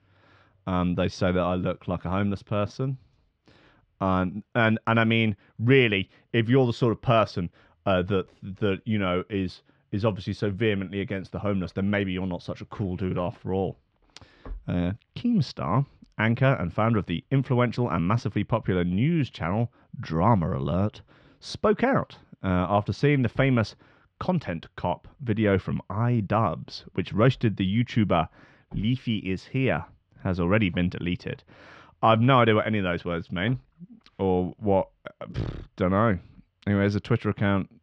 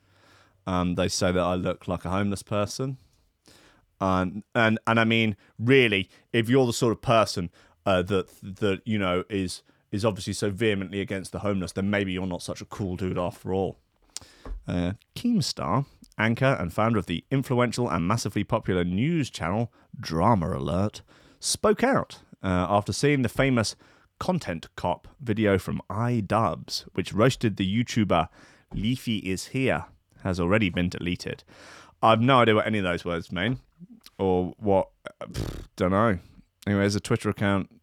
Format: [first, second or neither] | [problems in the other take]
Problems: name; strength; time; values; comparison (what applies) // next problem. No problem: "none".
second | muffled; slightly; fading above 3.5 kHz